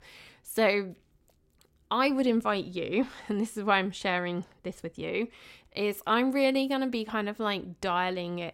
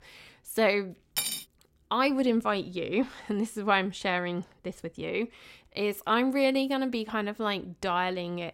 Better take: first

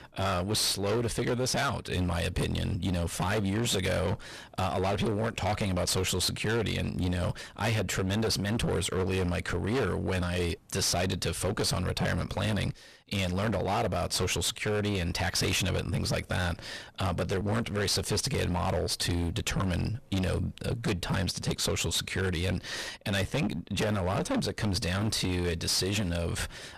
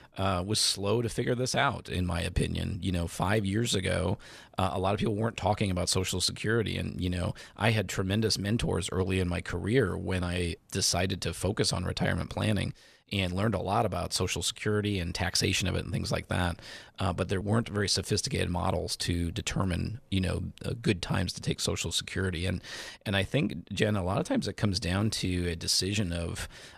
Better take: second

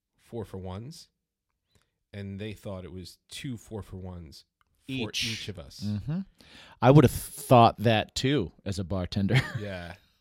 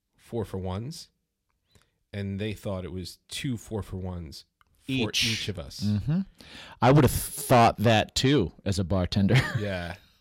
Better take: first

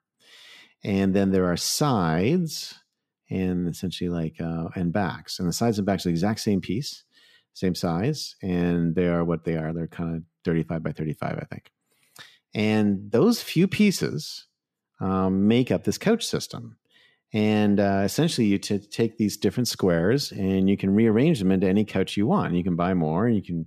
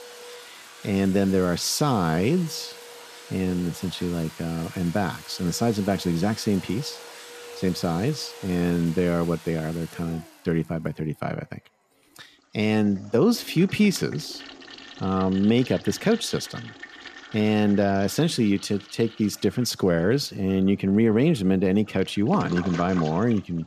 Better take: first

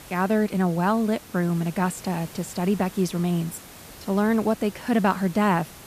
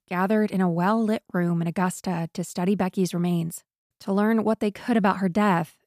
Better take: second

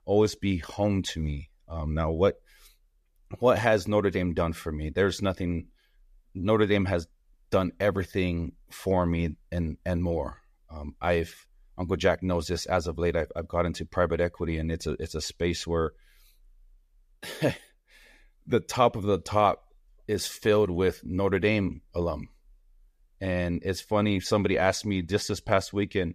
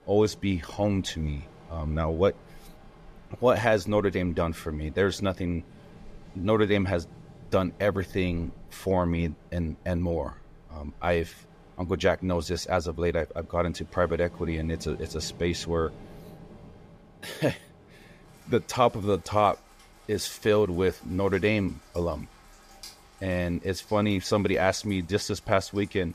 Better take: first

